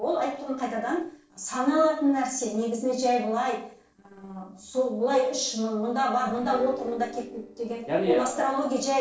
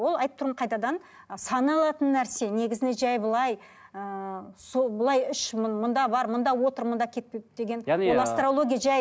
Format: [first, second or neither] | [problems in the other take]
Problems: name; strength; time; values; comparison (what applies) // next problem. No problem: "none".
second | noise reduction (neural separator model SepFormer DNS4)